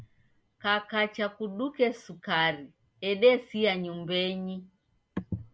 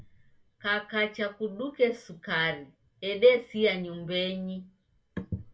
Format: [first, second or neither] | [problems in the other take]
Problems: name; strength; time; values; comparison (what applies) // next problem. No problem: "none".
first | room echo; dies away in 0.2 s